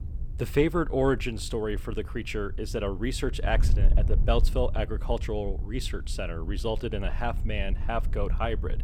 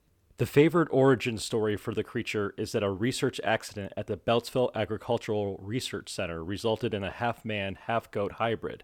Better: second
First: wind noise on the microphone; occasional gusts; 20 dB below the speech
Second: none

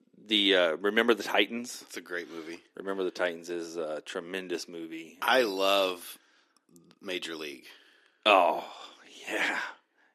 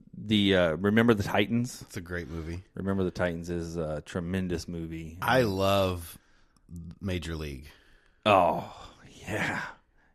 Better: second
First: thin; somewhat; fading below 300 Hz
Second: none

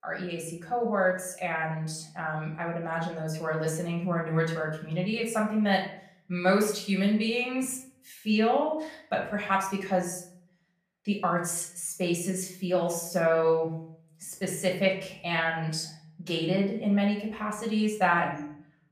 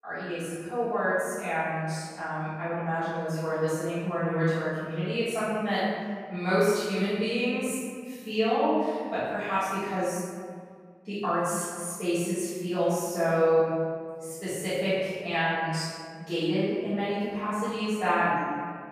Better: first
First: room echo; slight; dies away in 0.5 s // off-mic speech; far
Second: room echo; strong; dies away in 1.9 s // off-mic speech; far

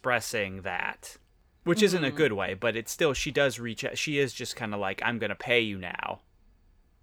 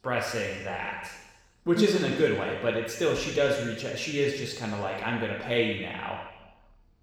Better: first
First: none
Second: room echo; noticeable; dies away in 1.1 s // off-mic speech; somewhat distant

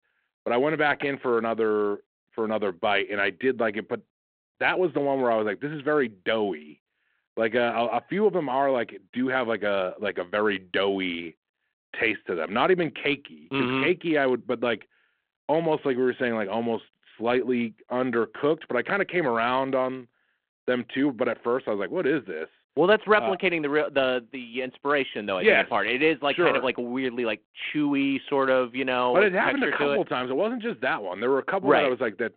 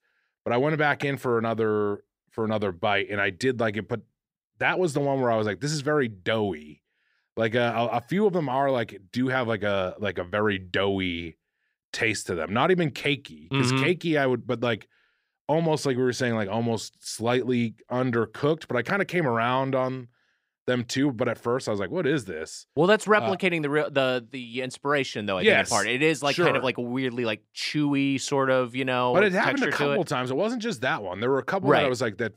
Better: second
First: phone-call audio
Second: none

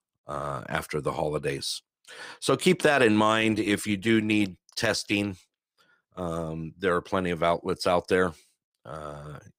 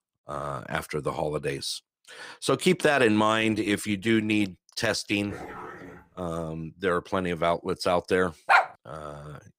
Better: first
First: none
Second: dog barking; faint; at 5.5 s; peak 10 dB below the speech // dog barking; loud; at 8.5 s; peak 5 dB above the speech

